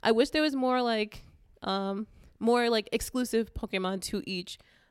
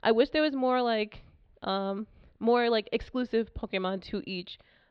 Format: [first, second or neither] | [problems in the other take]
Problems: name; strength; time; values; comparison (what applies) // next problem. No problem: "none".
first | muffled; very slightly; fading above 4 kHz